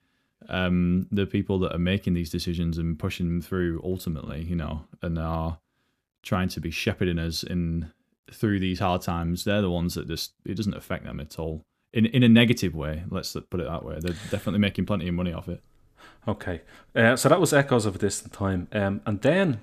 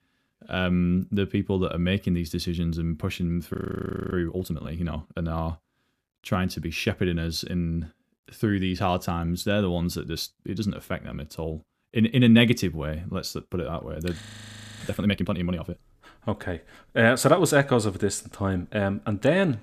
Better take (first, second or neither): first